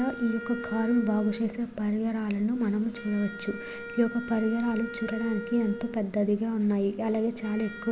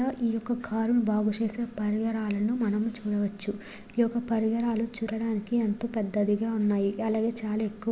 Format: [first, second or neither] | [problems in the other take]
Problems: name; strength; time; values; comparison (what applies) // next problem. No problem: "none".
second | background sound (Wind instrument, woodwind instrument); 13 dB below the speech